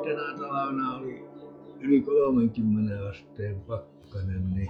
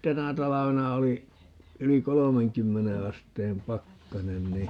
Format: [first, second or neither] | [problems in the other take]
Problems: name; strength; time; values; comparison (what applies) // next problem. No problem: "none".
second | noise reduction (classical method log-MMSE)